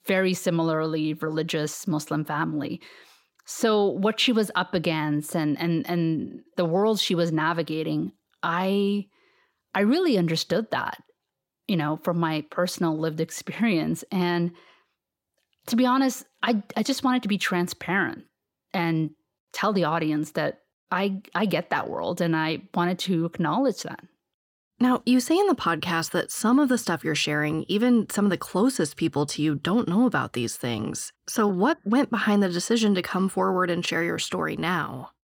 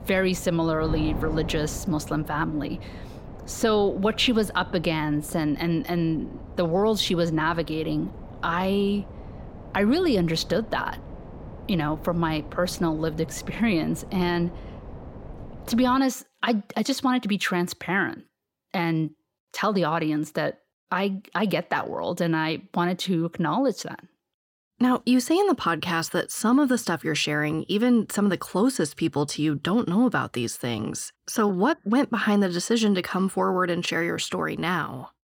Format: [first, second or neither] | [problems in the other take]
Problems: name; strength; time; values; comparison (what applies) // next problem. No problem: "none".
first | wind noise on the microphone; occasional gusts; until 16 s; 20 dB below the speech